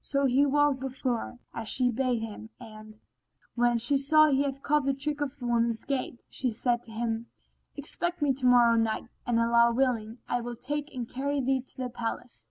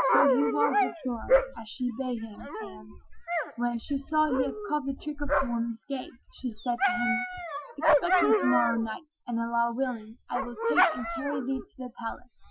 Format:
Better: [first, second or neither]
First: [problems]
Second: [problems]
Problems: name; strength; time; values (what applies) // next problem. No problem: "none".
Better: first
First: none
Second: noise reduction (classical method Wiener filter)